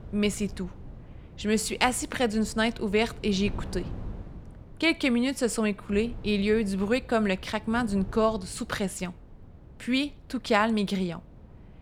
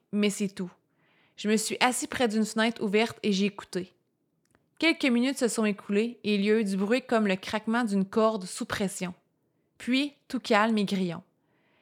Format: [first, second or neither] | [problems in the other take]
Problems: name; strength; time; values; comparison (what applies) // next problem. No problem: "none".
second | wind noise on the microphone; occasional gusts; 25 dB below the speech